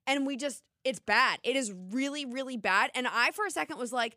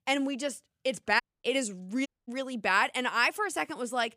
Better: first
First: none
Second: audio cutting out; at 1 s and at 2 s

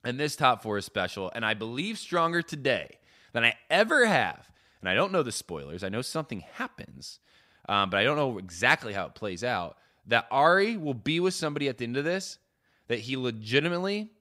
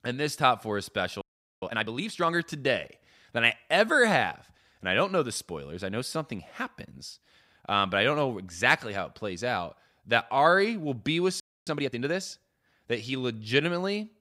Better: first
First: none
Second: audio freezing; at 1 s and at 11 s

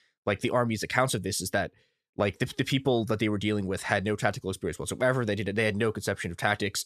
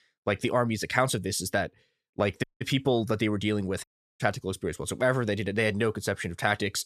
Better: first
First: none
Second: audio cutting out; at 2.5 s and at 4 s

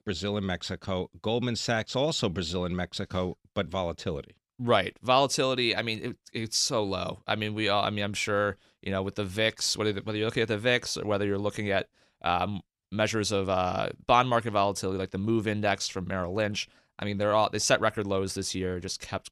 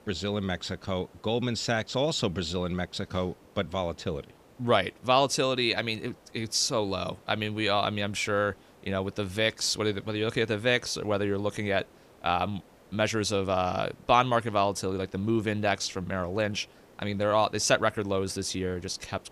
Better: first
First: none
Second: hiss; faint; throughout; 30 dB below the speech

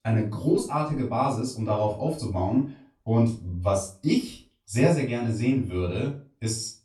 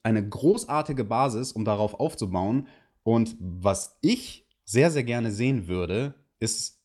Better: second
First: room echo; slight; dies away in 0.3 s // off-mic speech; far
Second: none

